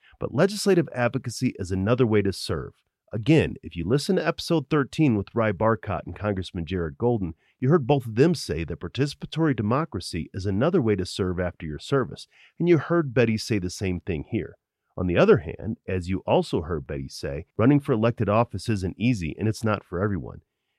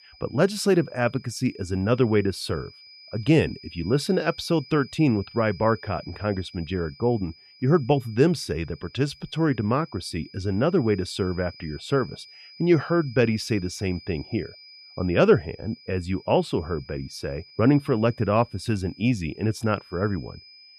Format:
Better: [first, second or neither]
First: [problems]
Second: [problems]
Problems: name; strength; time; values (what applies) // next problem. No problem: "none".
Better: first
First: none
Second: high-pitched whine; faint; throughout; 5 kHz, 20 dB below the speech